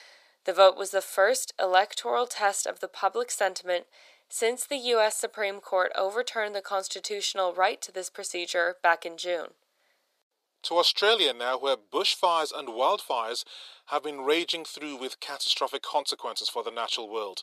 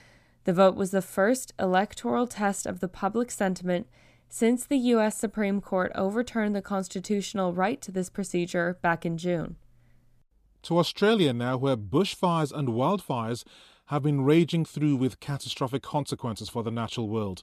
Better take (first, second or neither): second